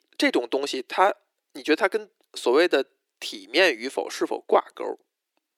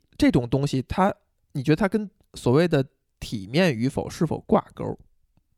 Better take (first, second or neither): second